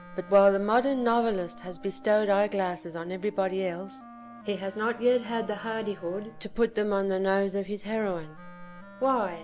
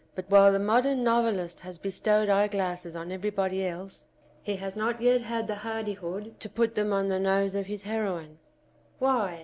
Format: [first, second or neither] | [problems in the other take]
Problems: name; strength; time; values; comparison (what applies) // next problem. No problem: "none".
second | background sound (Cricket / Frog + Wind instrument, woodwind instrument); 18 dB below the speech